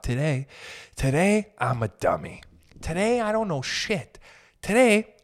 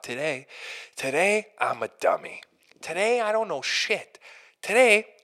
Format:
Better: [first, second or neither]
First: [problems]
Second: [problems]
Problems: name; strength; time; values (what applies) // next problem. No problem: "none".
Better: first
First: none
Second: thin; somewhat; fading below 450 Hz